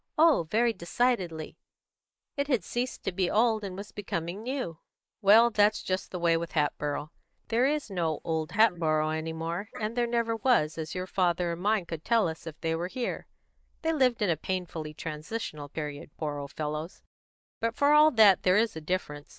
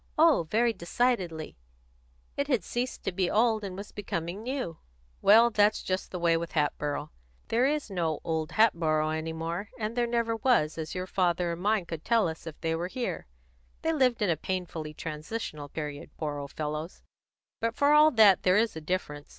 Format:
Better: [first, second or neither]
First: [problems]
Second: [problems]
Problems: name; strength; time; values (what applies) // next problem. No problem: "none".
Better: second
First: noise reduction (neural mask model Resemble Enhance denoiser)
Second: none